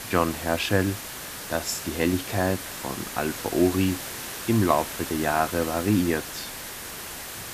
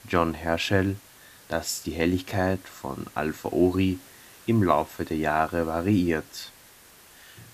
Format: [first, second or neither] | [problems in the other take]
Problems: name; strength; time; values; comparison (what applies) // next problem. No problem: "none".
second | hiss; loud; throughout; 8 dB below the speech; faint in the second